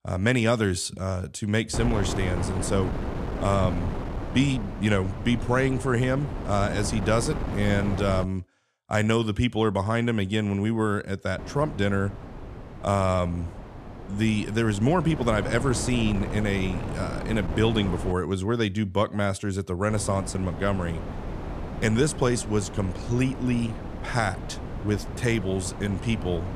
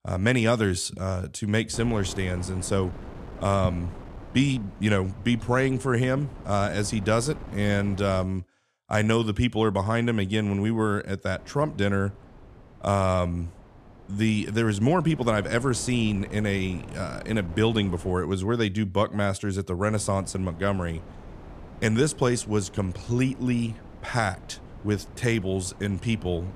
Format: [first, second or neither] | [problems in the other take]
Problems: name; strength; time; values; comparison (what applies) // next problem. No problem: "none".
second | wind noise on the microphone; heavy; from 1.5 to 8 s, from 11 to 18 s and from 20 s on; 10 dB below the speech; occasional gusts in the second